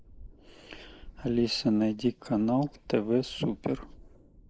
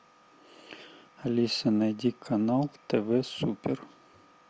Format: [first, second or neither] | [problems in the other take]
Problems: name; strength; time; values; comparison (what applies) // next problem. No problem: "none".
second | noise reduction (neural mask model Resemble Enhance denoiser)